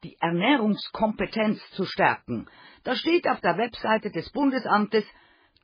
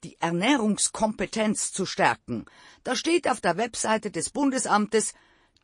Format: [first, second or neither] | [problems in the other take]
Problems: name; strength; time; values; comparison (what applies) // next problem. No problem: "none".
second | garbled, watery; badly; nothing above 5 kHz; slightly in the second